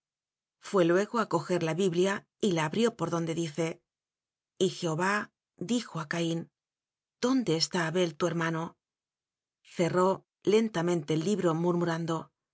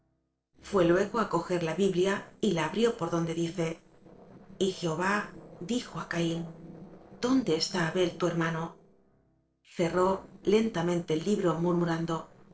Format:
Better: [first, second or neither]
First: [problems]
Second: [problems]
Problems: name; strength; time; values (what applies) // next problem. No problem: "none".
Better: first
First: none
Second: noise reduction (neural separator model SepFormer DNS4)